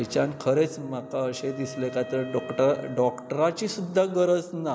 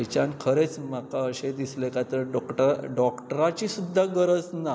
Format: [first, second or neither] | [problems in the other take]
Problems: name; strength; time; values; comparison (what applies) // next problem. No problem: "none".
second | background sound (Wind instrument, woodwind instrument); 18 dB below the speech